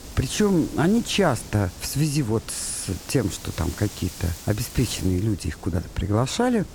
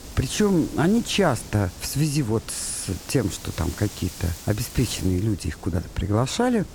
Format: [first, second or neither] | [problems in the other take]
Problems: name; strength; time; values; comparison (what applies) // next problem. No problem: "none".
neither | wind noise on the microphone; occasional gusts; 15 dB below the speech; the same in both